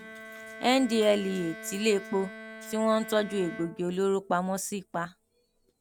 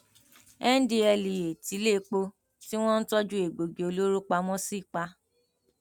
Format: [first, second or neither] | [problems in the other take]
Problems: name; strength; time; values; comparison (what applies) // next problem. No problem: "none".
second | background sound (Bowed string instrument); 16 dB below the speech